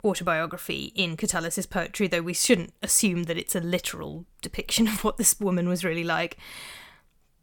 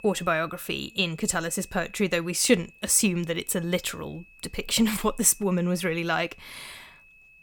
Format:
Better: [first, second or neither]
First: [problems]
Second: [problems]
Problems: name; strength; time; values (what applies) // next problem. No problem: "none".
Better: first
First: none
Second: high-pitched whine; faint; throughout; 2.5 kHz, 25 dB below the speech